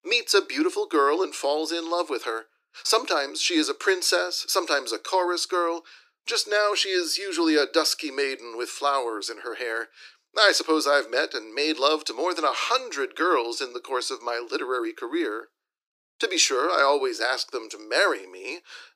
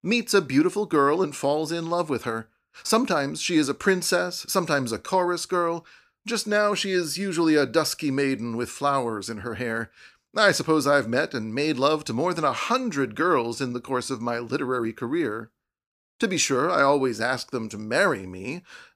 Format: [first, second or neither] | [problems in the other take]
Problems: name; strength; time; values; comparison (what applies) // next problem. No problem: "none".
second | thin; very; fading below 300 Hz